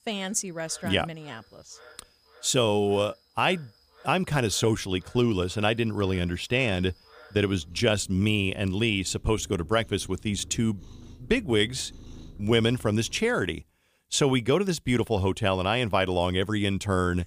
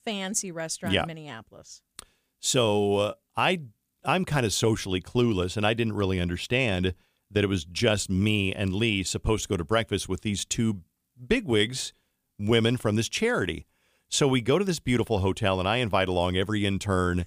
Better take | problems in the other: second | animal sounds; faint; until 13 s; 25 dB below the speech

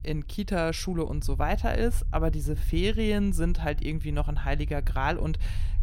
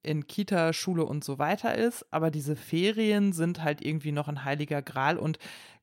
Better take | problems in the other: second | low rumble; faint; throughout; 20 dB below the speech

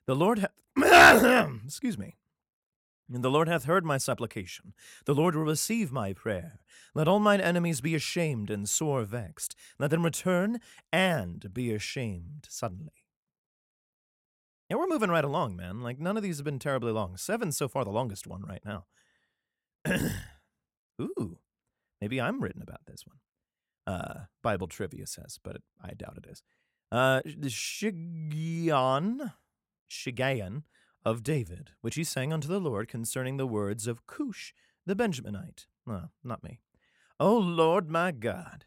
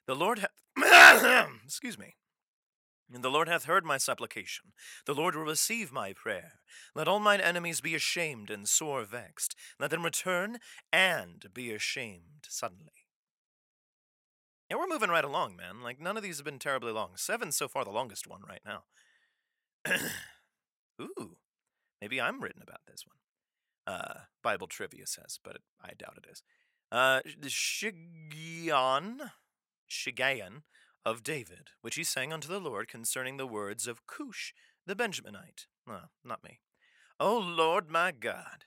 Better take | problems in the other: first | thin; somewhat; fading below 1 kHz

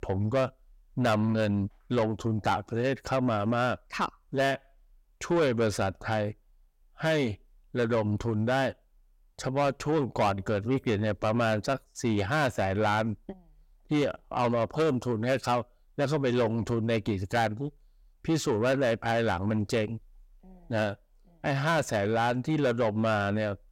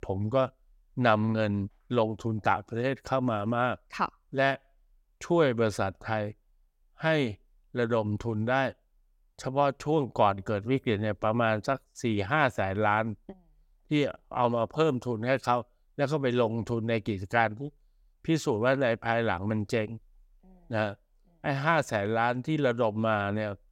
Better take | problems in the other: second | distortion; slight; 10 dB below the speech

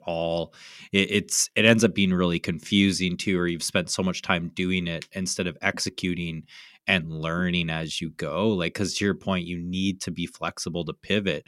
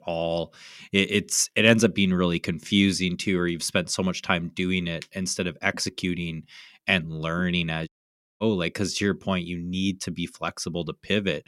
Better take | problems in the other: first | audio cutting out; at 8 s for 0.5 s

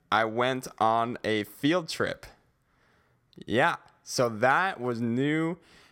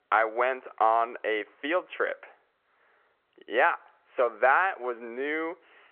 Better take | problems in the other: first | phone-call audio

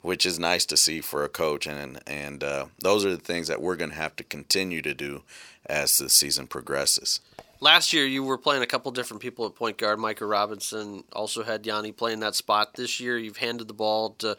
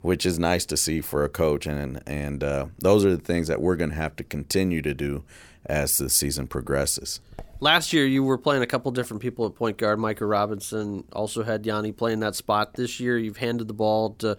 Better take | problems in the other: second | thin; very slightly; fading below 1 kHz

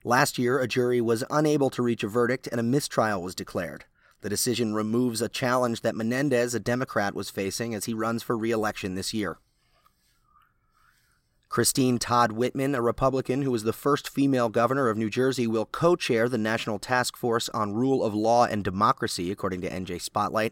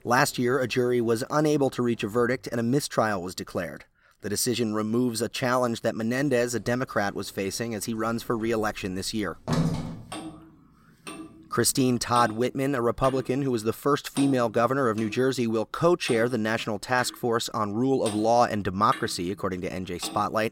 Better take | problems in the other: first | household noises; noticeable; throughout; 10 dB below the speech

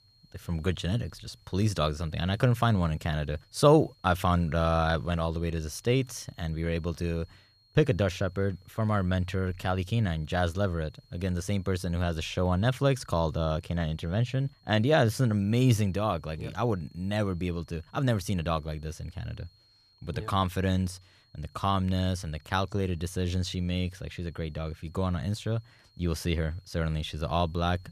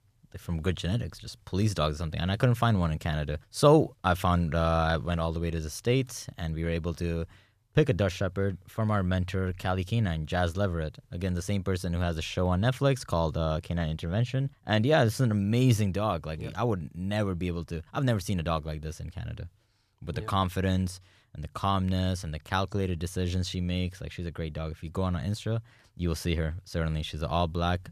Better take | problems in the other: second | high-pitched whine; faint; throughout; 4.5 kHz, 35 dB below the speech

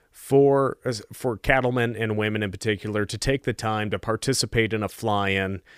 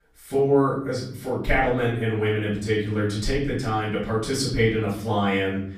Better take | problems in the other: first | off-mic speech; far // room echo; noticeable; dies away in 0.7 s

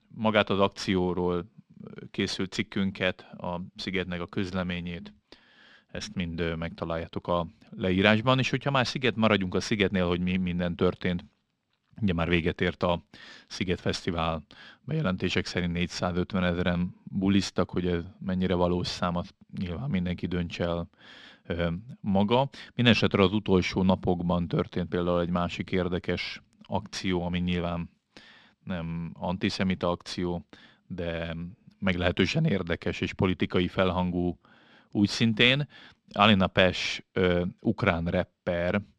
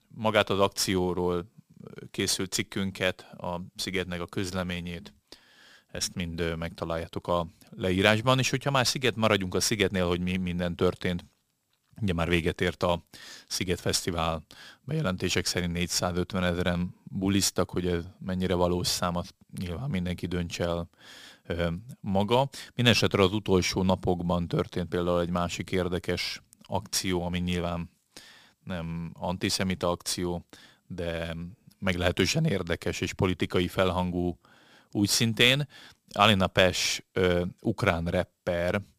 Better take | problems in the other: second | muffled; very slightly; fading above 3 kHz

